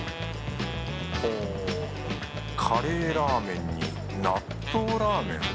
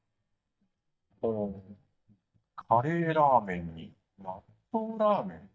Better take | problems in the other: first | noise reduction (neural mask model DeepFilterNet 3)

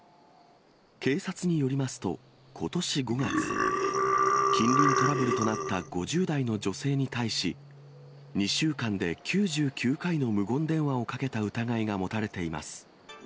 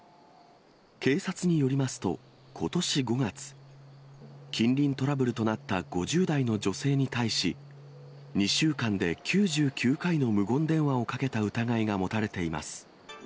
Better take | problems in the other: second | background sound (Burping, eructation); 3 dB above the speech

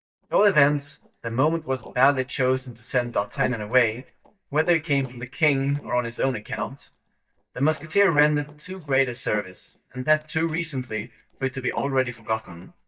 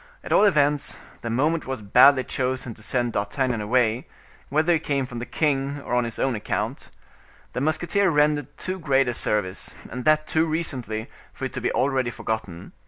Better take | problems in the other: second | noise reduction (neural mask model DeepFilterNet 3)

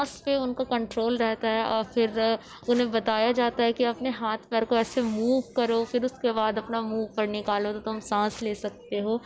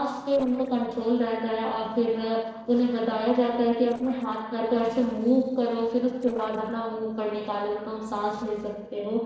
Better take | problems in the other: first | noise reduction (neural separator model SepFormer DNS4)

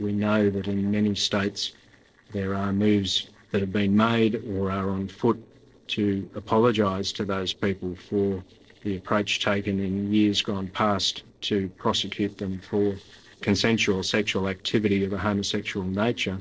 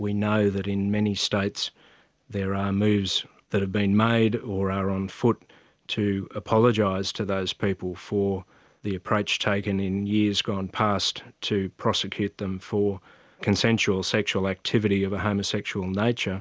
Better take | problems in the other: second | noise reduction (neural separator model SepFormer DNS4)

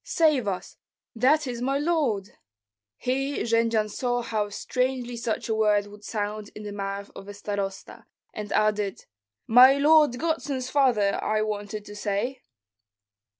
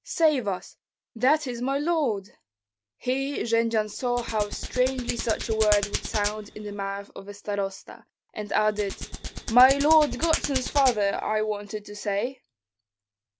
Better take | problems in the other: first | background sound (Hands); 7 dB below the speech

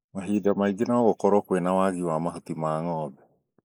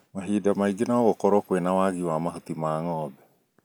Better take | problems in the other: second | noise reduction (neural mask model Resemble Enhance denoiser)

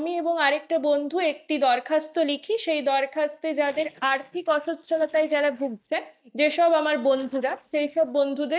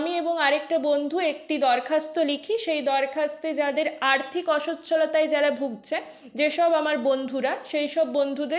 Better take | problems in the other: second | noise reduction (neural mask model DeepFilterNet 3)

